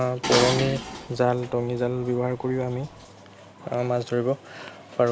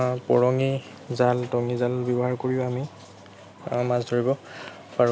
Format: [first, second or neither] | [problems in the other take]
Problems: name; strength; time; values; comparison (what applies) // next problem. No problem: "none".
second | background sound (Dishes, pots, and pans); 6 dB below the speech